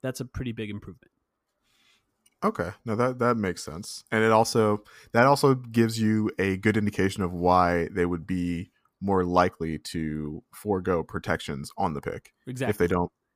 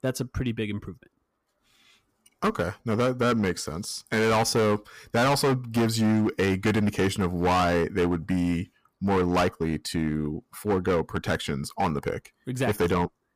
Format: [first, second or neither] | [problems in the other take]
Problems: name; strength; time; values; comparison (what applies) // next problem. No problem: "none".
first | distortion; heavy; 11% of the sound clipped